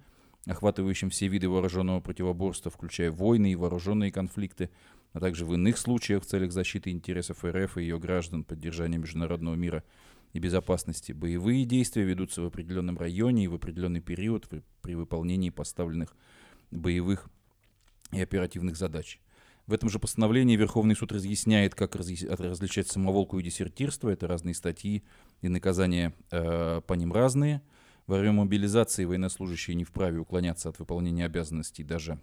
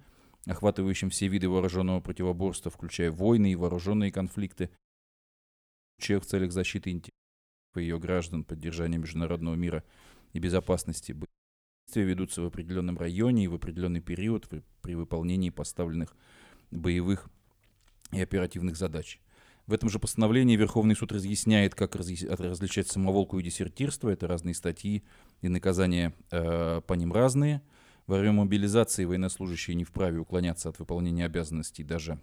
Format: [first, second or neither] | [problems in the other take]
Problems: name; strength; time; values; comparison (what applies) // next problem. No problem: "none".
first | audio cutting out; at 5 s for 1 s, at 7 s for 0.5 s and at 11 s for 0.5 s